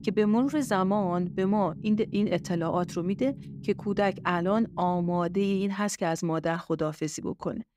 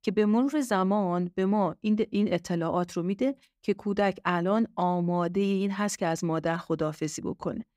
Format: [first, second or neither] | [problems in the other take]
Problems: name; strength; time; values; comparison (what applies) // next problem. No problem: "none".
second | low rumble; faint; until 5.5 s; 20 dB below the speech